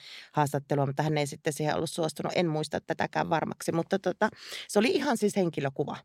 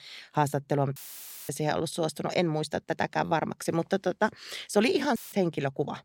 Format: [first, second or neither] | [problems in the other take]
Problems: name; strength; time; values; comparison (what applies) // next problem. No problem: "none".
first | audio cutting out; filled with static; at 1 s for 0.5 s and at 5 s